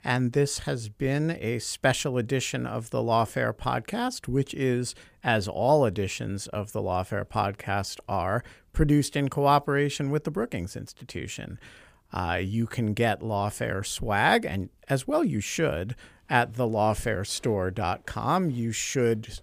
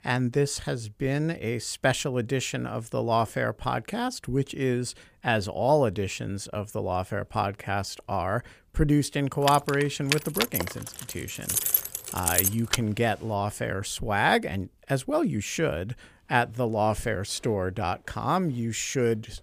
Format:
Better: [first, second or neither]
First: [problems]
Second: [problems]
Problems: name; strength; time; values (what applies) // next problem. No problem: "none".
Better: first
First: none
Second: jangling keys; loud; from 9.5 to 13 s; peak 5 dB above the speech